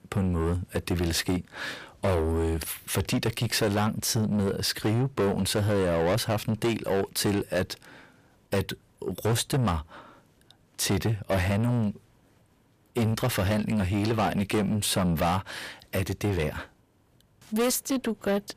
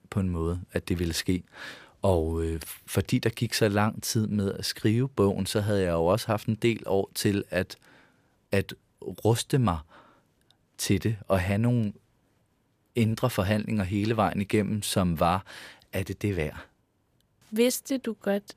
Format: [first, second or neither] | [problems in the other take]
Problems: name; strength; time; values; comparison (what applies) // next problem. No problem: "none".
second | distortion; heavy; 7 dB below the speech